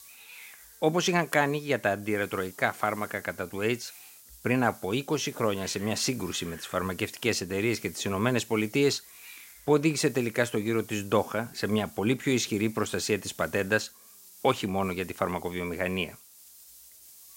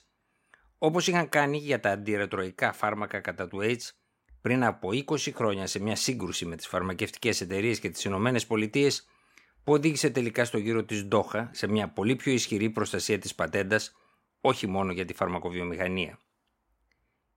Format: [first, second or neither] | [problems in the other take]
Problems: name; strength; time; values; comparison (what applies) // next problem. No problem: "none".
second | hiss; noticeable; throughout; 20 dB below the speech